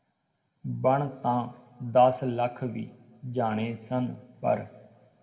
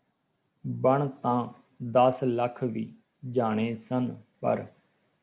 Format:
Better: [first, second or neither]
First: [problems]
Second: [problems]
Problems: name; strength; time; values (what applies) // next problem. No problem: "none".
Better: second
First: room echo; dies away in 0.7 s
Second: none